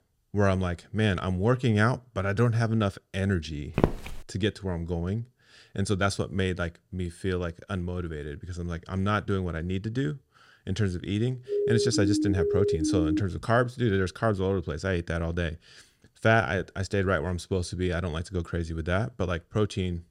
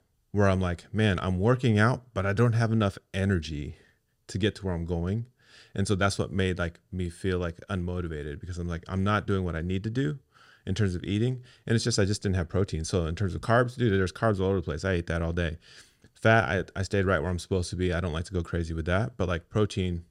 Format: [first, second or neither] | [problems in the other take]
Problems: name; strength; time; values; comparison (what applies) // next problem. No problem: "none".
second | footsteps; loud; at 4 s; peak 1 dB above the speech // siren; loud; from 11 to 13 s; peak 2 dB above the speech